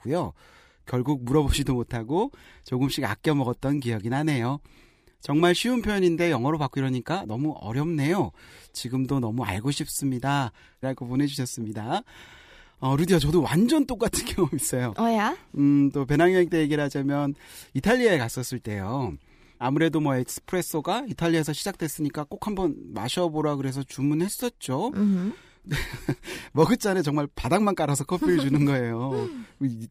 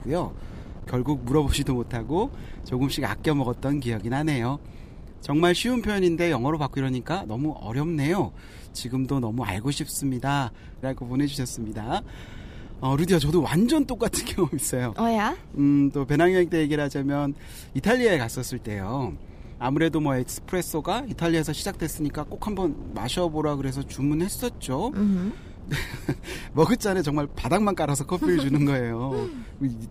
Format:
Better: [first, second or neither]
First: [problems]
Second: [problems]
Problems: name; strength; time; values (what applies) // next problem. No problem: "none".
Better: first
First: none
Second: wind noise on the microphone; occasional gusts; 25 dB below the speech